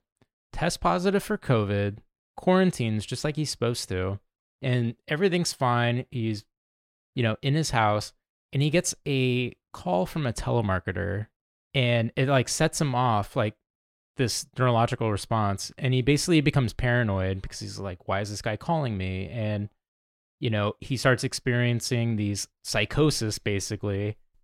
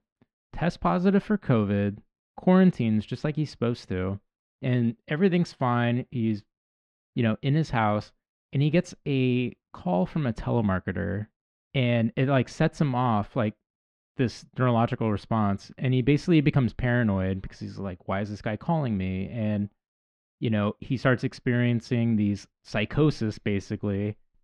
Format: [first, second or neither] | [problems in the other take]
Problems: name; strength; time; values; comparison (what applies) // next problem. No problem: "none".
first | muffled; slightly; fading above 3 kHz